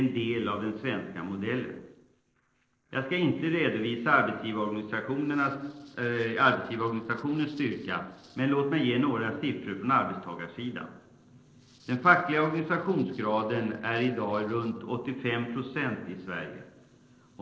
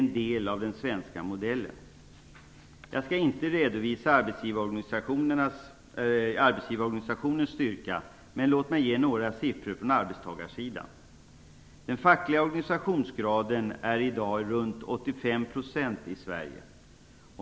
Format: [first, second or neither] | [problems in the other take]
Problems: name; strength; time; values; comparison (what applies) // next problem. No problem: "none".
second | noise reduction (neural separator model SepFormer DNS4)